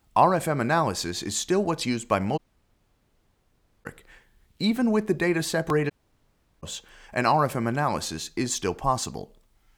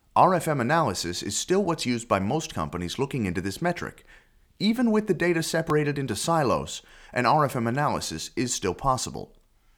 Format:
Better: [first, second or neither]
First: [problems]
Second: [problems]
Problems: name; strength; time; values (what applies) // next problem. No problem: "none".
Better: second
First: audio cutting out; at 2.5 s for 1.5 s and at 6 s for 0.5 s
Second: none